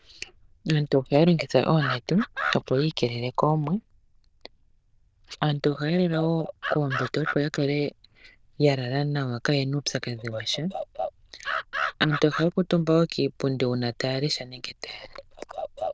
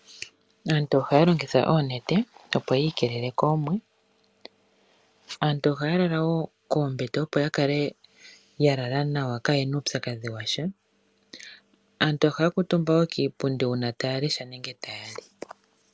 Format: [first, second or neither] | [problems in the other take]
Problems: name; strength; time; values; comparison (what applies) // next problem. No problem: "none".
second | noise reduction (neural diffusion model UNIVERSE++)